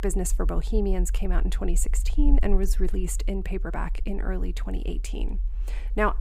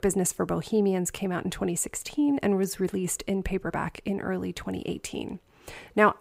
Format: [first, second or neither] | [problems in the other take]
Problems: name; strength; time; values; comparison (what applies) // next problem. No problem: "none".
second | low rumble; faint; throughout; 20 dB below the speech